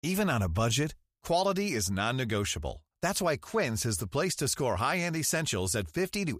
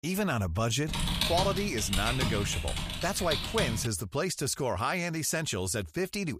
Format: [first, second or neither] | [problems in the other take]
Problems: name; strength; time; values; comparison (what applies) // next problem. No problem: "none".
first | keyboard typing; loud; from 1 to 4 s; peak 2 dB above the speech